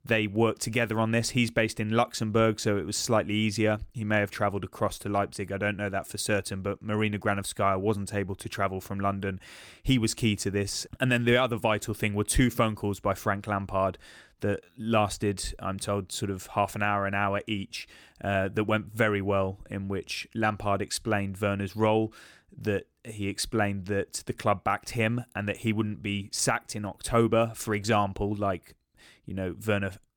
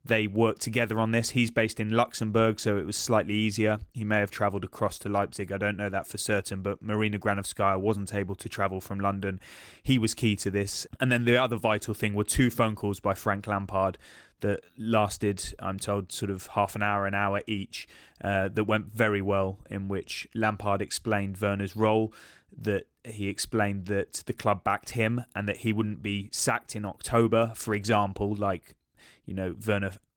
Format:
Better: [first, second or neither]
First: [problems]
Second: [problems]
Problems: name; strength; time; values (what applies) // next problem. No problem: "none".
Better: first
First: none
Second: garbled, watery; slightly; nothing above 18.5 kHz